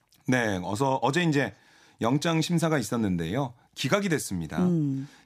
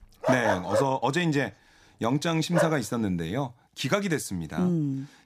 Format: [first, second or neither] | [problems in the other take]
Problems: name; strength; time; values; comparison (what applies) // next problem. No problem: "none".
first | dog barking; loud; until 2.5 s; peak 1 dB above the speech